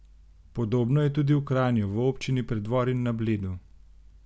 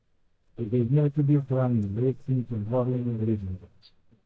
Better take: first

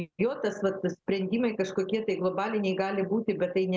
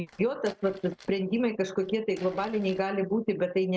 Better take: first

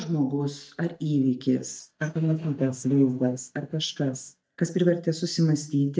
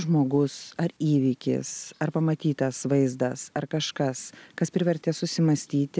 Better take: second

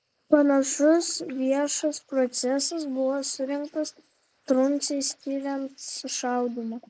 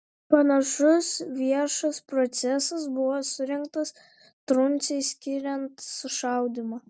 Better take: second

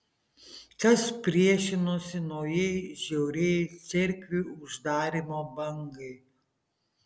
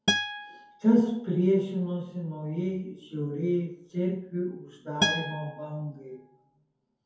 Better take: first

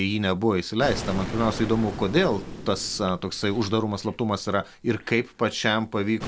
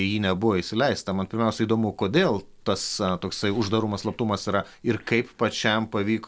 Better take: second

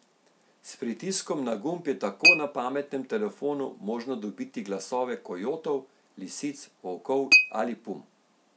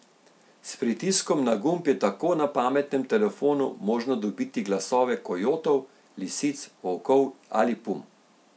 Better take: second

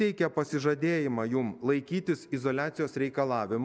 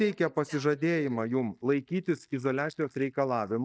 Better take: first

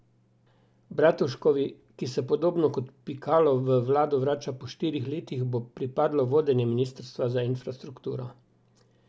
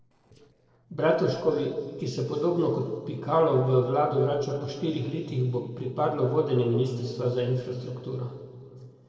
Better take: first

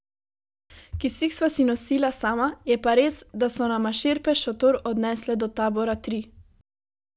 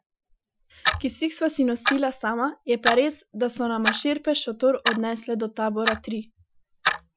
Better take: first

